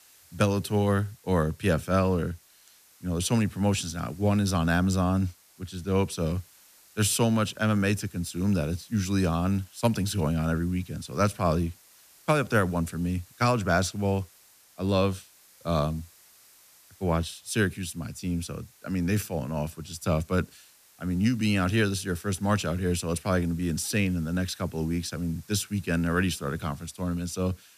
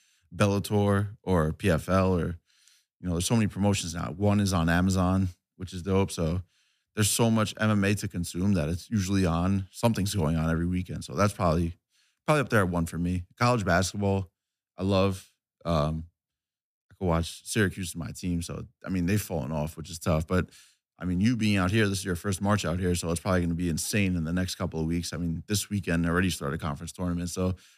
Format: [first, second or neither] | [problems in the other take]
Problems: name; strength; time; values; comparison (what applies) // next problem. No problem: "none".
second | hiss; faint; throughout; 25 dB below the speech